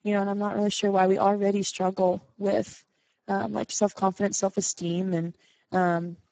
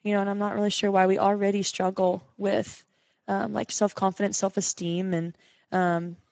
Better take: second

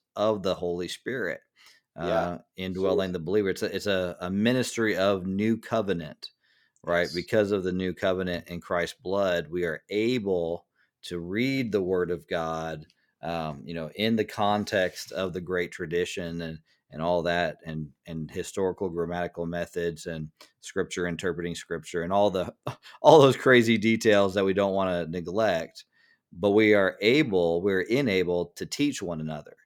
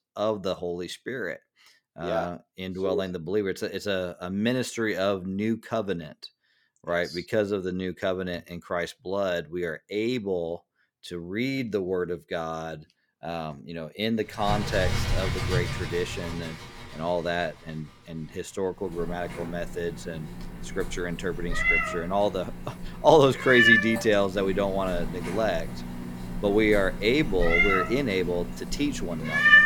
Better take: first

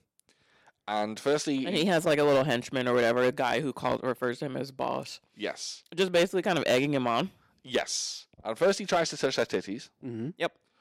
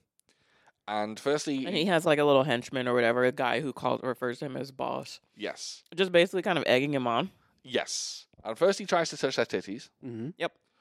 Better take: second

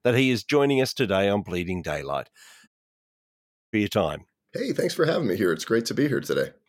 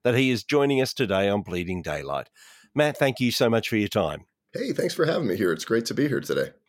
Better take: second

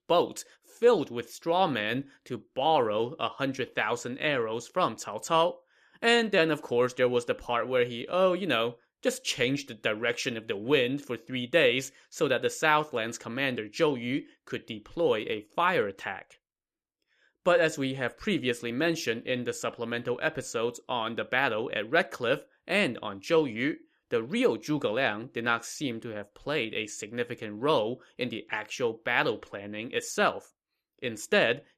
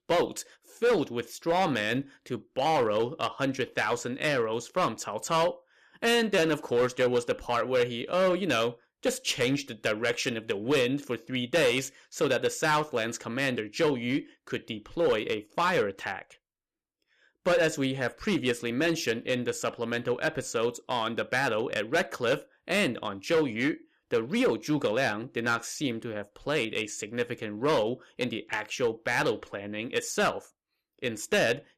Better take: first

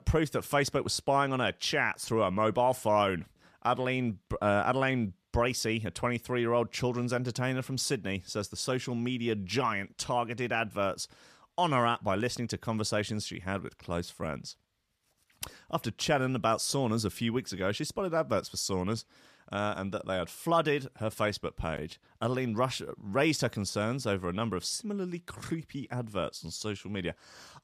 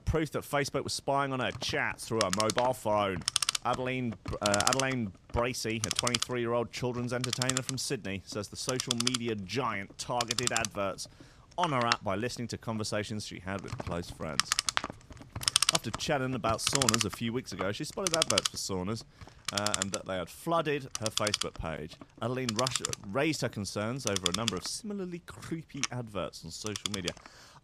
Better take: first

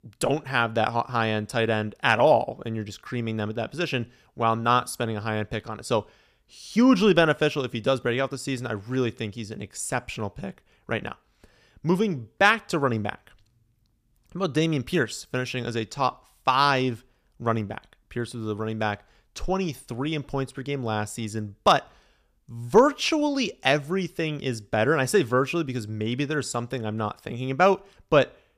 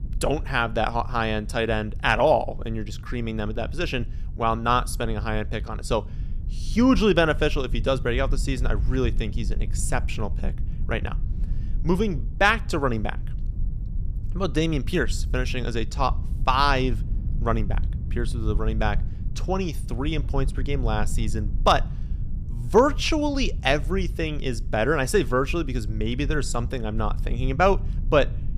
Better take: first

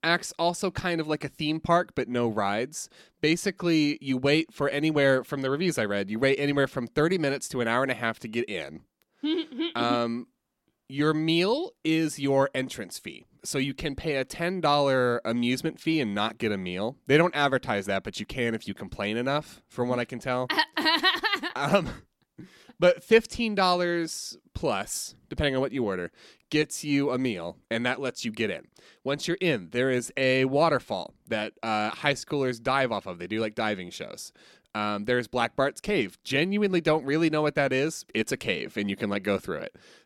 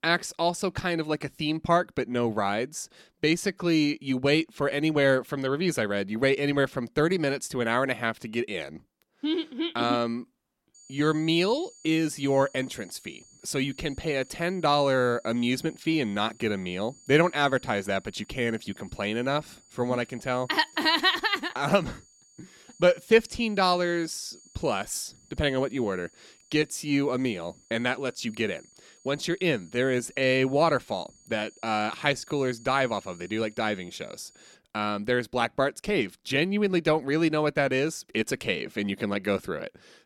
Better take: first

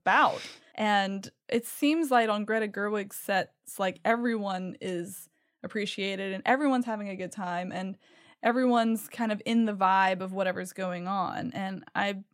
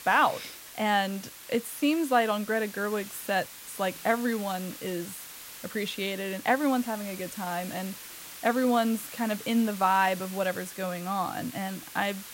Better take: first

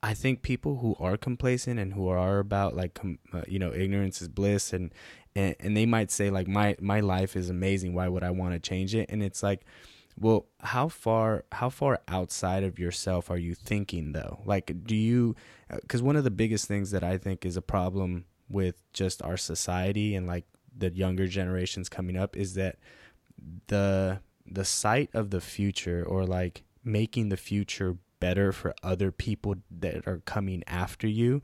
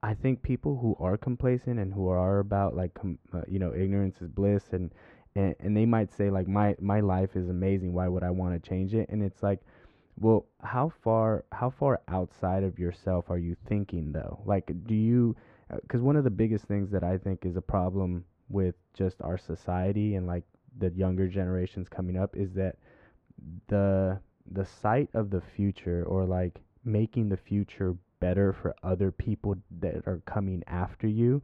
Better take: first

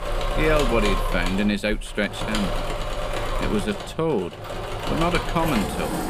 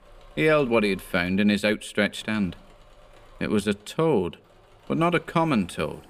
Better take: second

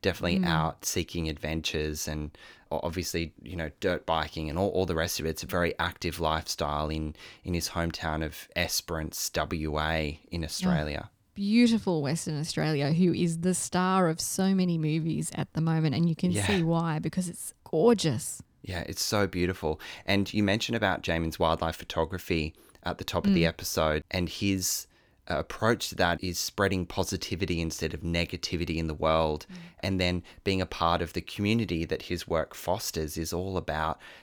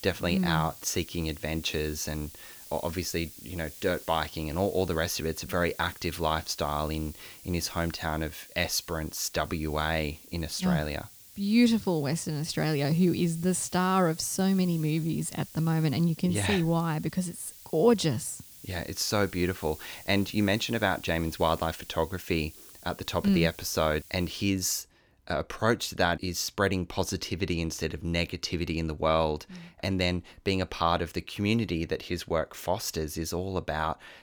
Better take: first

